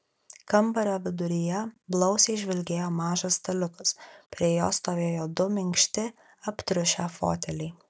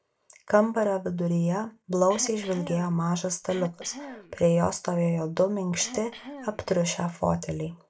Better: first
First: none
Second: background sound (Cough); 16 dB below the speech // room echo; dies away in 0.2 s

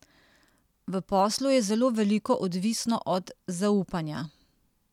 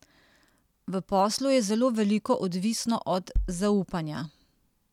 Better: first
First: none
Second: background sound (Bass drum); 3 dB below the speech

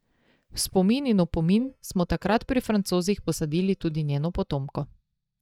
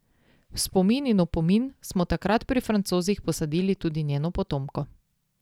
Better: second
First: noise reduction (neural mask model DeepFilterNet 3)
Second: none

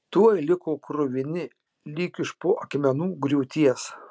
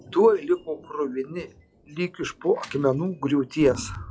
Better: first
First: none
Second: noise reduction (classical method log-MMSE)

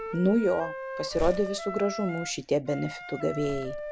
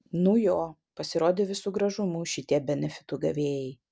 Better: second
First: background sound (Wind instrument, woodwind instrument + Crumpling, crinkling); 8 dB below the speech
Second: none

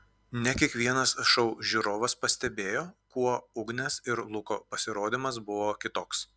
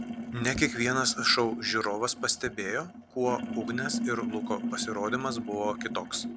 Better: first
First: none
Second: background sound (Sink (filling or washing)); 6 dB below the speech

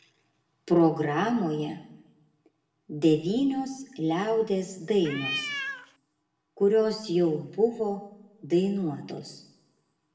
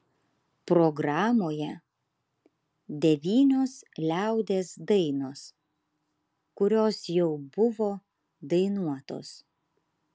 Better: second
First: background sound (Cat); 6 dB below the speech // room echo; dies away in 0.8 s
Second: none

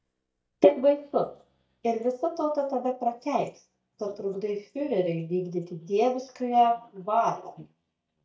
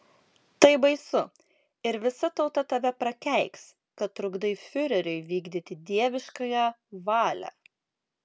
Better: second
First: noise reduction (neural mask model DeepFilterNet 3)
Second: none

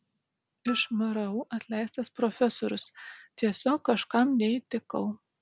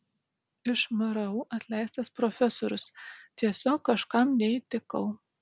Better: second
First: background sound (Piano); 17 dB below the speech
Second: none

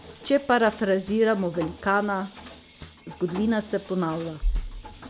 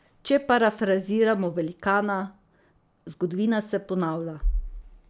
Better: second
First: background sound (Mechanisms); 18 dB below the speech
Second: none

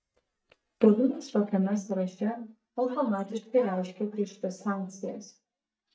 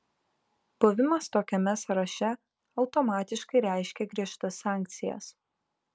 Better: second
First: noise reduction (neural mask model DeepFilterNet 3)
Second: none

